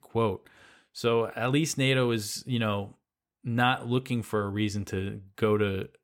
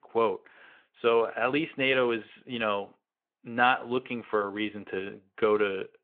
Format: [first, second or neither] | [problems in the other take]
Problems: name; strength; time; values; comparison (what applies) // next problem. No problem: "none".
first | phone-call audio